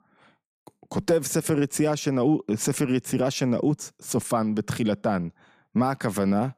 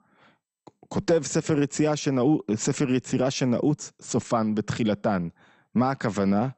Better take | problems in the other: first | garbled, watery; slightly; nothing above 8 kHz

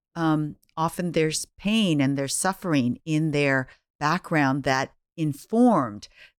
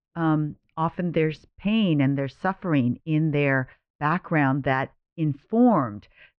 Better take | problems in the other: first | muffled; very; fading above 2.5 kHz

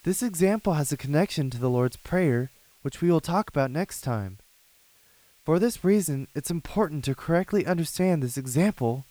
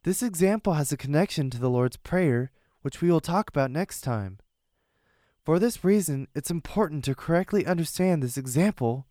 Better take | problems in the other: second | hiss; faint; throughout; 30 dB below the speech

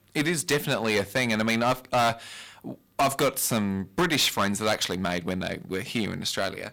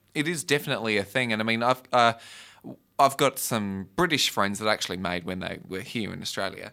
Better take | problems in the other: second | distortion; heavy; 8% of the sound clipped

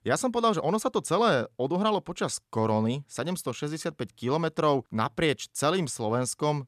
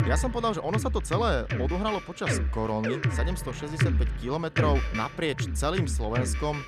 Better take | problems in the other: first | background music; very loud; throughout; as loud as the speech

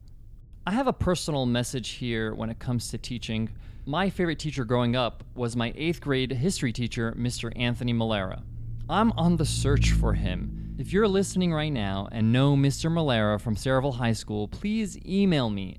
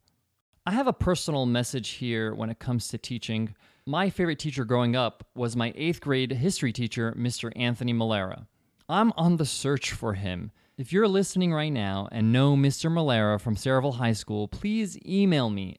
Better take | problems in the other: second | low rumble; noticeable; throughout; 20 dB below the speech

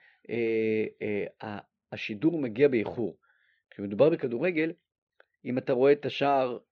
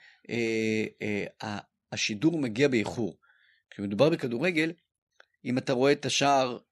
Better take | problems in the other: second | muffled; very; fading above 3 kHz

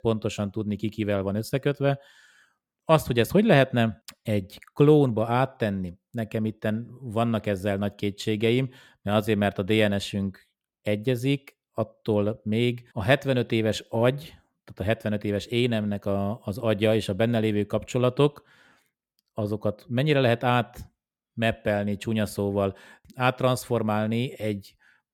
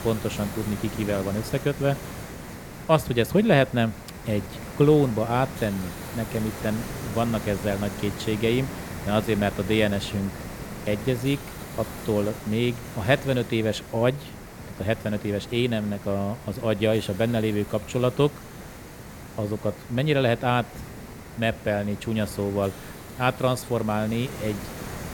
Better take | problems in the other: first | hiss; noticeable; throughout; 10 dB below the speech

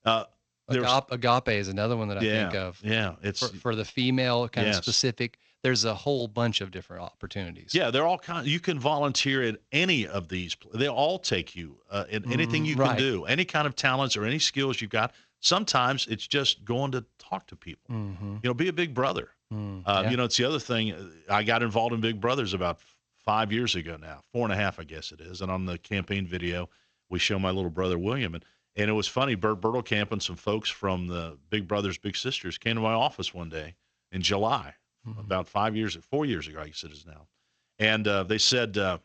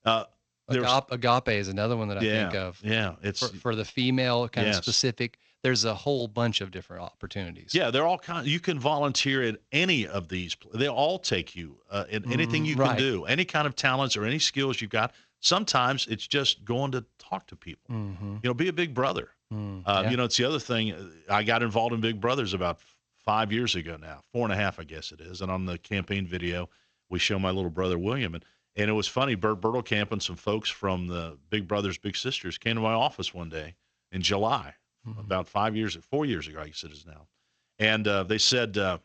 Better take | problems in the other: neither | garbled, watery; slightly; the same in both

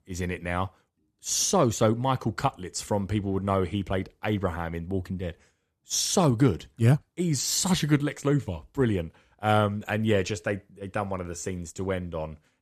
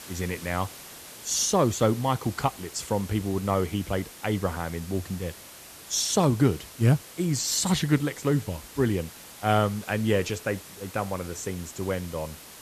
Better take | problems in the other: first | hiss; noticeable; throughout; 15 dB below the speech

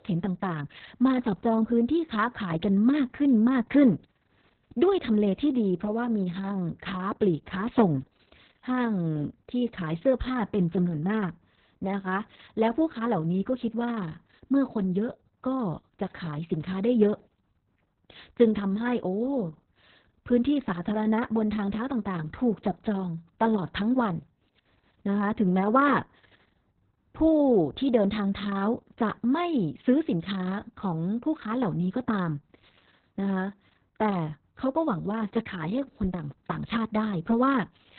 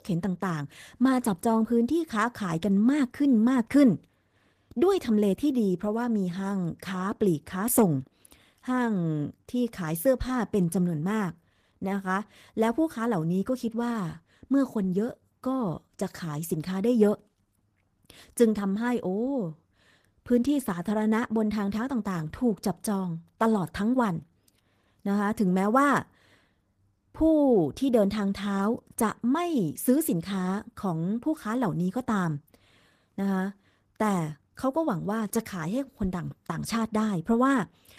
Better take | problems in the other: second | garbled, watery; badly; nothing above 4 kHz; slightly in the second

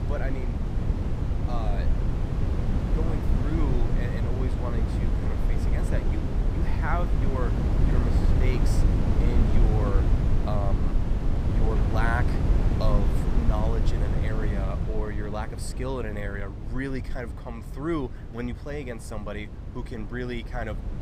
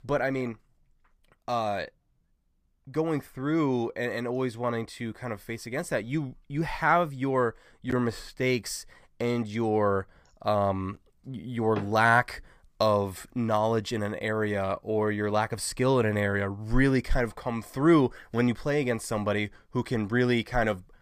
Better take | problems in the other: second | wind noise on the microphone; heavy; 1 dB below the speech

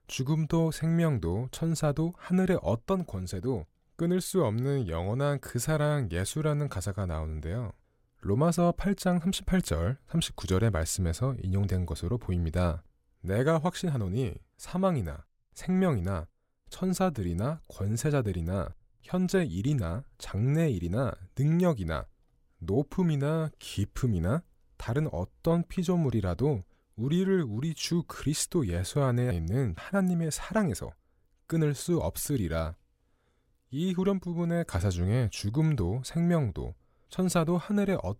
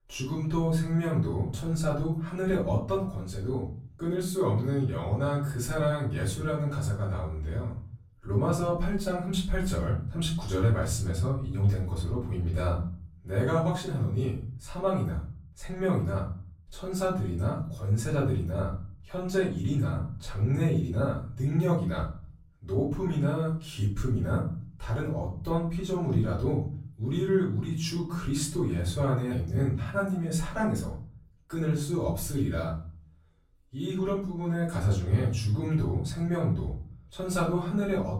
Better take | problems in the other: first | off-mic speech; far // room echo; slight; dies away in 0.5 s

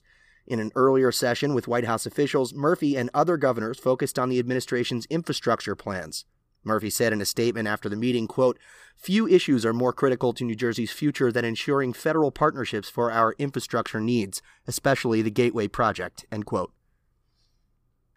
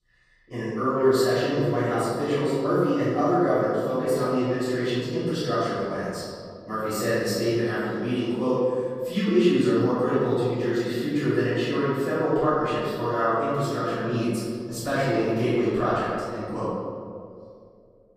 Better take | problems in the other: first | off-mic speech; far // room echo; strong; dies away in 2 s

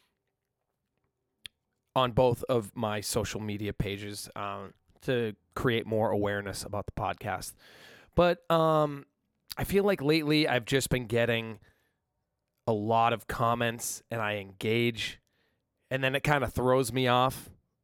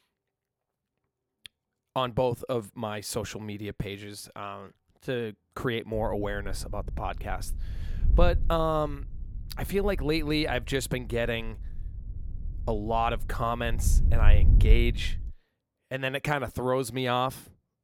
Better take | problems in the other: first | wind noise on the microphone; occasional gusts; from 6 to 15 s; 20 dB below the speech

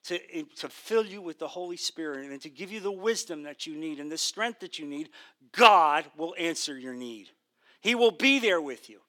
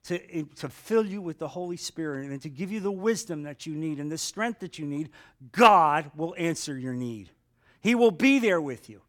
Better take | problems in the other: second | thin; very slightly; fading below 300 Hz

